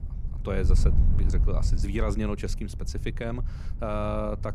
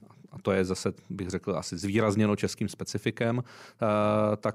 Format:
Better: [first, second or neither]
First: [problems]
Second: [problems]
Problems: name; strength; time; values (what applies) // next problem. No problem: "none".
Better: second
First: wind noise on the microphone; occasional gusts; 10 dB below the speech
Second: none